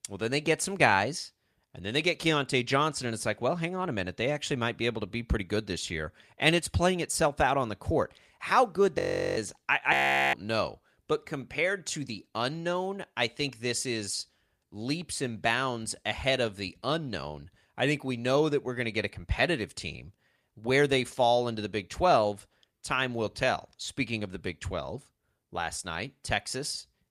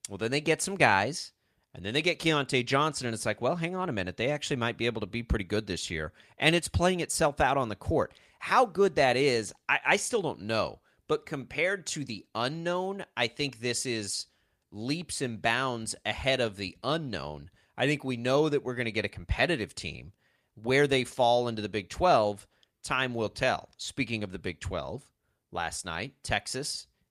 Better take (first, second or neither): second